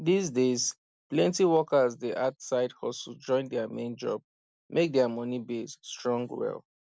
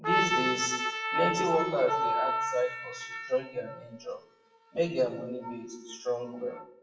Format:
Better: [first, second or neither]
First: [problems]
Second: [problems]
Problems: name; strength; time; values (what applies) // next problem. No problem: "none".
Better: first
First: none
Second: noise reduction (classical method WPE with log-MMSE)